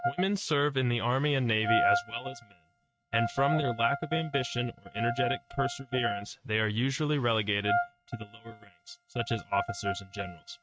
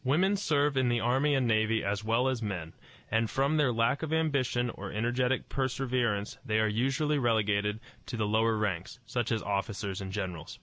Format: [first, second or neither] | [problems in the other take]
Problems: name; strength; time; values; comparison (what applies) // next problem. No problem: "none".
second | noise reduction (neural mask model RNNoise)